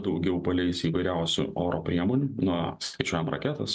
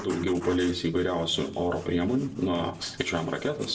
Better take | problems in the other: first | background sound (Writing); 19 dB below the speech // room echo; dies away in 0.9 s

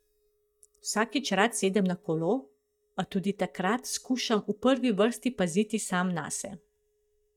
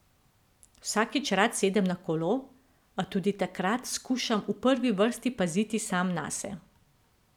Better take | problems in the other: second | noise reduction (neural mask model DeepFilterNet 3)

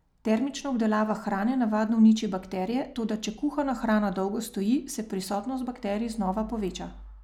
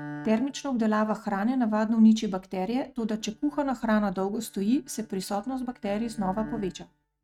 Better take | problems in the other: first | noise reduction (neural mask model RNNoise)

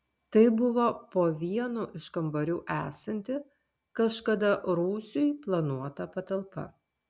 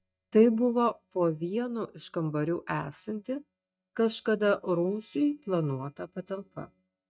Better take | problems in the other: first | noise reduction (neural mask model DeepFilterNet 3)

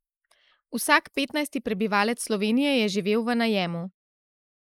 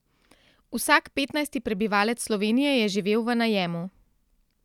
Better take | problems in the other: second | noise reduction (neural mask model Resemble Enhance denoiser)

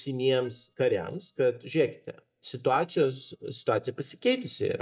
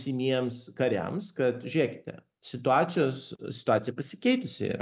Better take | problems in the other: second | noise reduction (neural mask model DeepFilterNet 3)

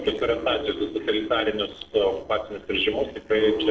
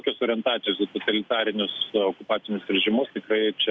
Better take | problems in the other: second | noise reduction (neural separator model SepFormer DNS4)

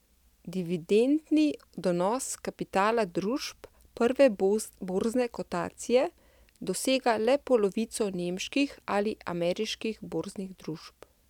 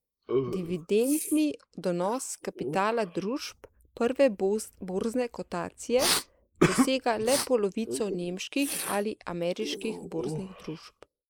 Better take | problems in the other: first | noise reduction (neural mask model Resemble Enhance denoiser)

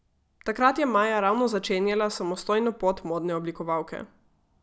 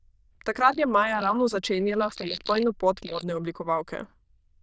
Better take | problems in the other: first | noise reduction (neural diffusion model UNIVERSE++)

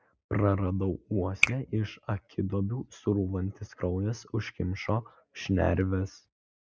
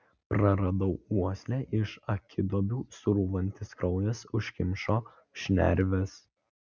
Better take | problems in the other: second | noise reduction (neural mask model Resemble Enhance denoiser)

